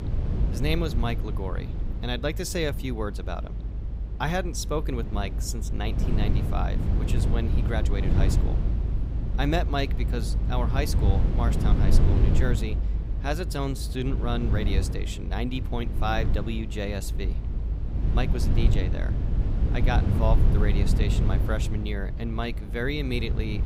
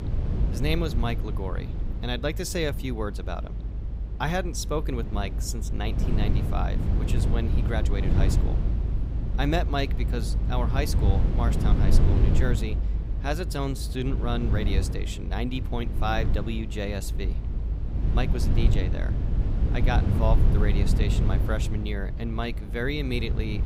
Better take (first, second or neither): neither